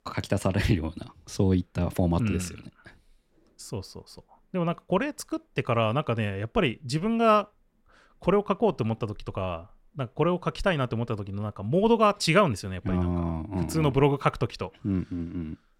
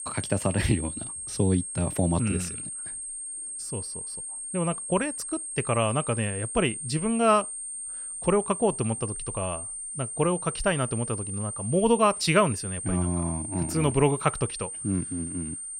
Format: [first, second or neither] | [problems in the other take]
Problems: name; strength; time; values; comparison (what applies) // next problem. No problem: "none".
first | high-pitched whine; loud; throughout; 8.5 kHz, 6 dB below the speech